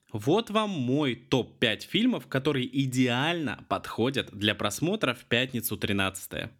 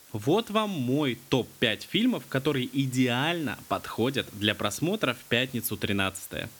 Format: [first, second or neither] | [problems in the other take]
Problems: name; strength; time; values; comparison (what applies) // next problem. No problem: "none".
first | hiss; faint; throughout; 20 dB below the speech